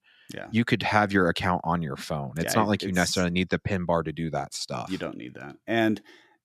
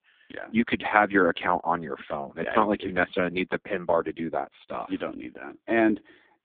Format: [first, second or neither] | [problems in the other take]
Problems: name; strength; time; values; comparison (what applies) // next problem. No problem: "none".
first | phone-call audio; poor line; nothing above 3.5 kHz